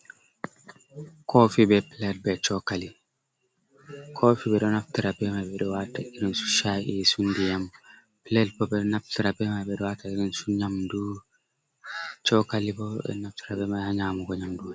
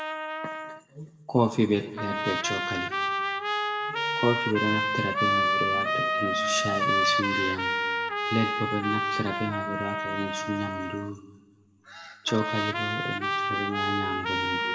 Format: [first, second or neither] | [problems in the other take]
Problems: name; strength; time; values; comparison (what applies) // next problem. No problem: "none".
first | background sound (Trumpet); 2 dB above the speech // room echo; dies away in 1.3 s